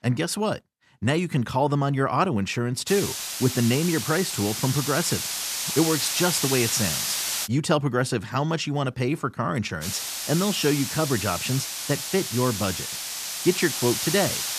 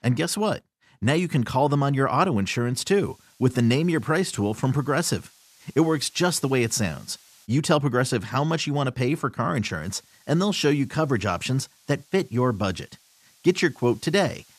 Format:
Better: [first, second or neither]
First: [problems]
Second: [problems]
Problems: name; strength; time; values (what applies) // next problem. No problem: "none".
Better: second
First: hiss; loud; from 3 to 7.5 s and from 10 s on; 2 dB below the speech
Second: hiss; faint; from 3 to 7.5 s and from 10 s on; 30 dB below the speech